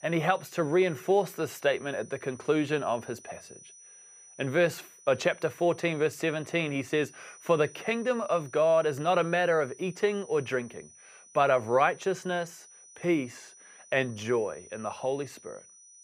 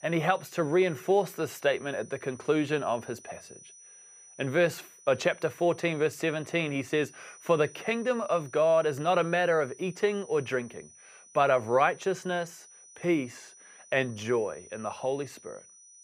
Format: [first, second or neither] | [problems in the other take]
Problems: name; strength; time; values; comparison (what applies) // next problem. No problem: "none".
neither | high-pitched whine; faint; throughout; 6 kHz, 20 dB below the speech; the same in both